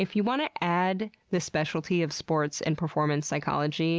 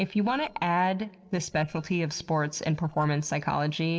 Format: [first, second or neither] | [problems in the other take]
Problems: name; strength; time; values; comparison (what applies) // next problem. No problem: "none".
first | noise reduction (neural separator model SepFormer DNS4)